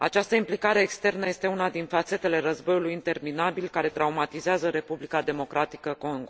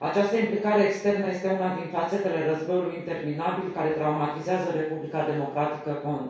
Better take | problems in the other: first | room echo; dies away in 0.6 s

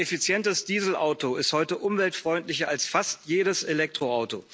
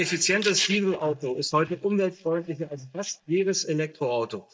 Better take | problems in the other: first | noise reduction (neural mask model DeepFilterNet 3)

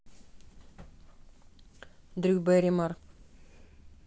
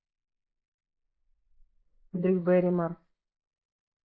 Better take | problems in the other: first | noise reduction (neural mask model Resemble Enhance denoiser)

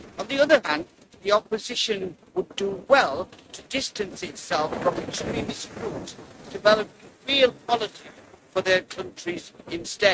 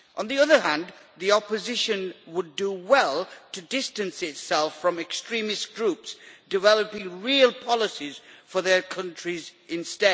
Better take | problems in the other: second | noise reduction (neural mask model RNNoise)

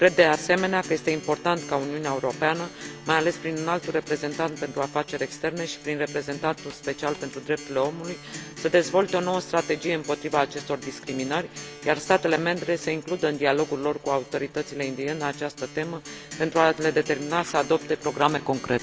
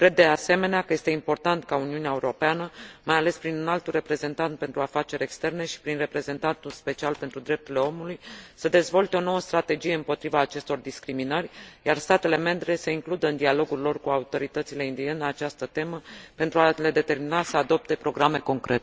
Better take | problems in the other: second | background sound (Acoustic guitar); 15 dB below the speech

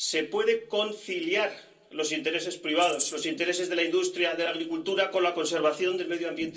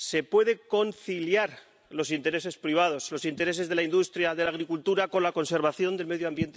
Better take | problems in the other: second | noise reduction (neural separator model SepFormer DNS4)

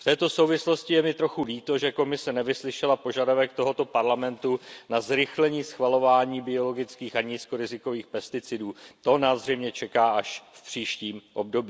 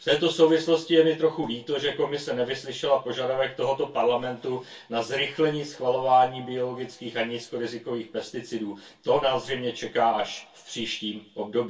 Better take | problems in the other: first | room echo; dies away in 0.2 s

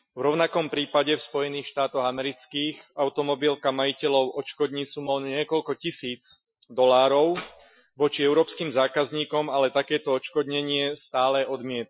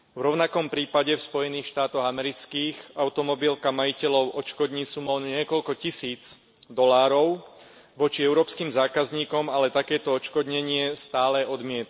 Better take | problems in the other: second | noise reduction (classical method Wiener filter)

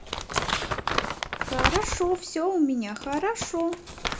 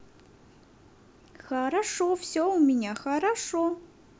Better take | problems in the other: second | background sound (Crumpling, crinkling); 2 dB below the speech // room echo; dies away in 0.2 s

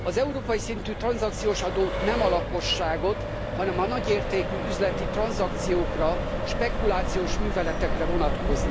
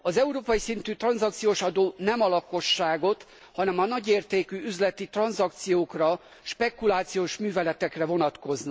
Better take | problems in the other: second | background sound (Accelerating, revving, vroom); as loud as the speech

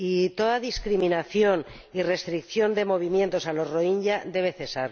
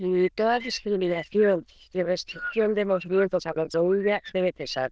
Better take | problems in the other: first | noise reduction (neural diffusion model UNIVERSE++)

